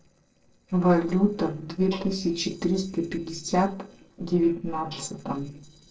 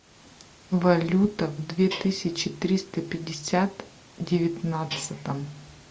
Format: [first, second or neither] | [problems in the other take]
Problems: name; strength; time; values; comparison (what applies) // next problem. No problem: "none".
second | noise reduction (neural separator model SepFormer DNS4)